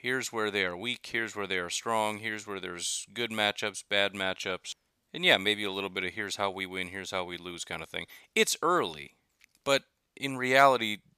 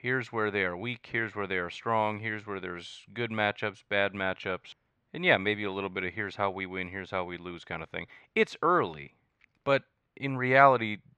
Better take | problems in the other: first | muffled; very; fading above 2 kHz

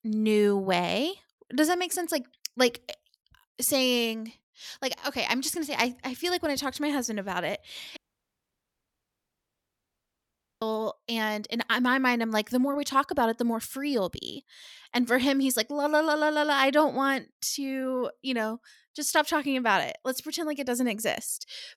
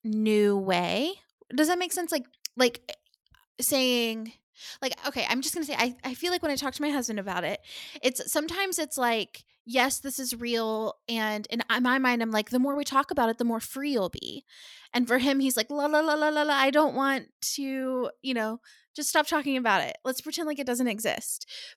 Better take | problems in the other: second | audio cutting out; at 8 s for 2.5 s

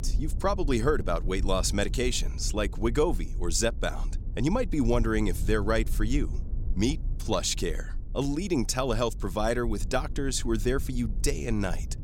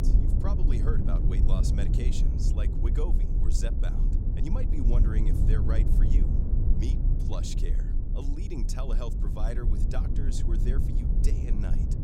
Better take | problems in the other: first | low rumble; loud; throughout; 1 dB below the speech; faint in the first

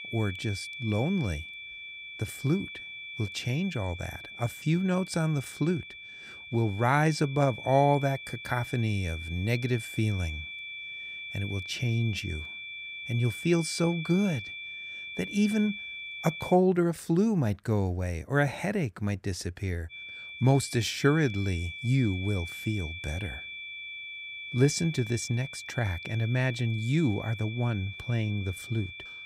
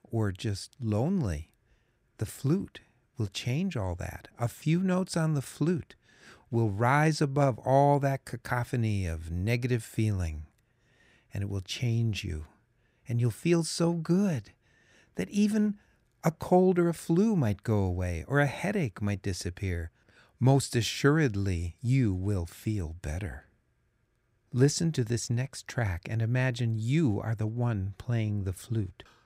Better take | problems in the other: second | high-pitched whine; loud; until 17 s and from 20 s on; 2.5 kHz, 10 dB below the speech

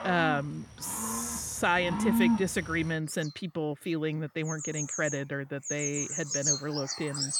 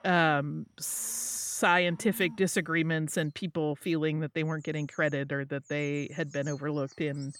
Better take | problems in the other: second | animal sounds; loud; throughout; 1 dB below the speech; faint in the second

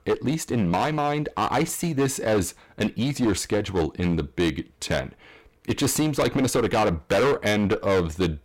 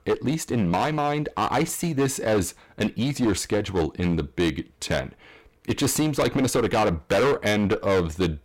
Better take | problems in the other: neither | distortion; heavy; 14% of the sound clipped; the same in both

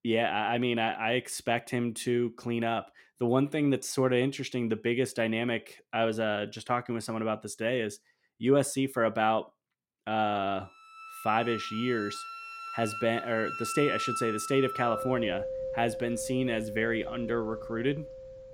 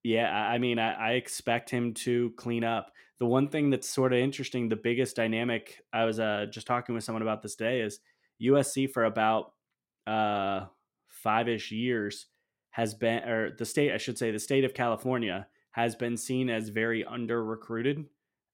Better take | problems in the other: second | background music; loud; from 11 s on; 7 dB below the speech

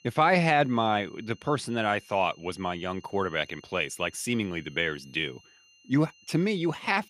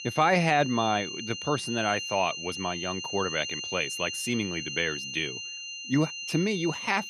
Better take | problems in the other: first | high-pitched whine; loud; throughout; 3 kHz, 6 dB below the speech; faint in the first

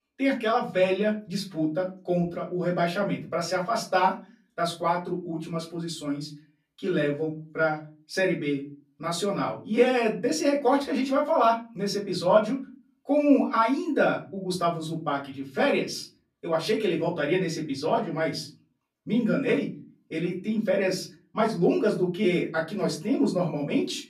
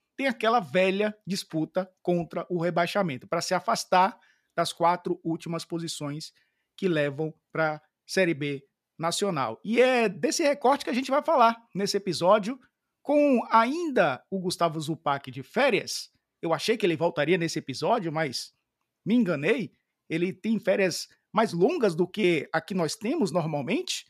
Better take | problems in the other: second | off-mic speech; far // room echo; very slight; dies away in 0.3 s

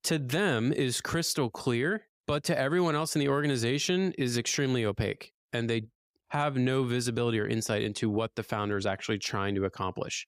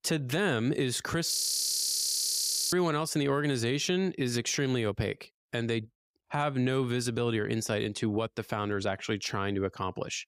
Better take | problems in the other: first | audio freezing; at 1.5 s for 1.5 s

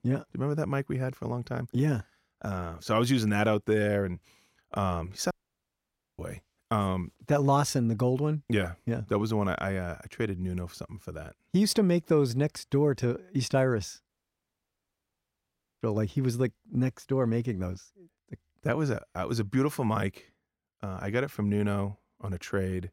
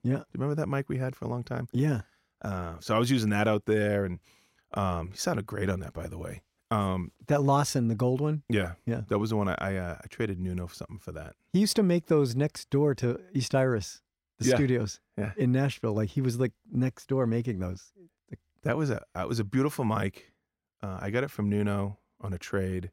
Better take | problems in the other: second | audio cutting out; at 5.5 s for 1 s and at 14 s for 1.5 s

